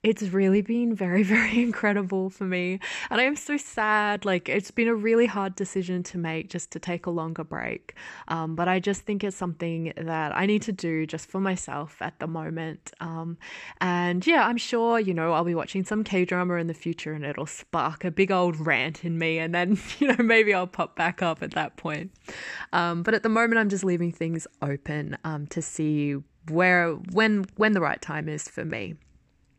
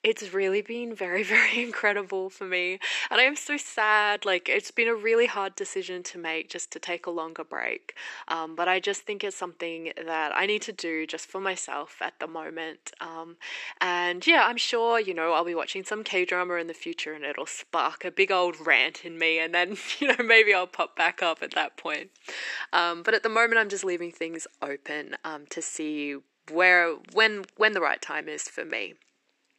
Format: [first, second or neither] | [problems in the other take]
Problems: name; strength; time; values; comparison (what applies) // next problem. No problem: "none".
first | thin; very; fading below 350 Hz